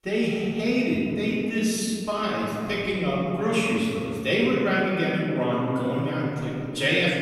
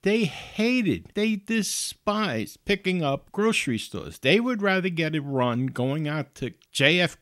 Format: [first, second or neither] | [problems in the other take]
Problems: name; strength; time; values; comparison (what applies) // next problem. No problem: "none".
second | off-mic speech; far // room echo; strong; dies away in 2.5 s